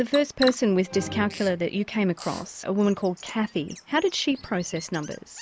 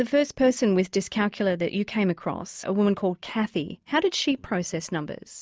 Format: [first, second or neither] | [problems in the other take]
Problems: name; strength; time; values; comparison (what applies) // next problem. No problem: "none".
second | background sound (Bird vocalization, bird call, bird song + Musical instrument); 14 dB below the speech